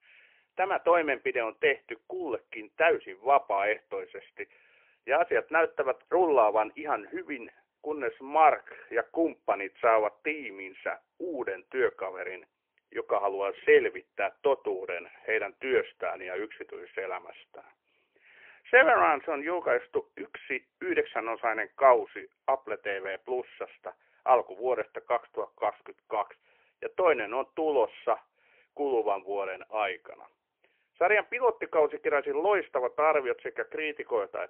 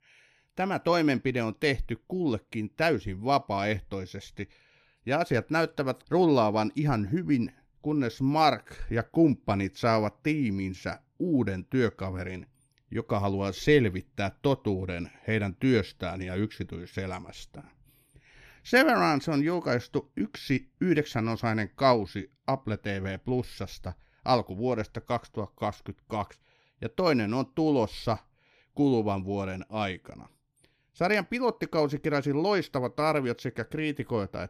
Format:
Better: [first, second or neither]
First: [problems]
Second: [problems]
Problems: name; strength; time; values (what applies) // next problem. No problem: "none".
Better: second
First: phone-call audio; poor line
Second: none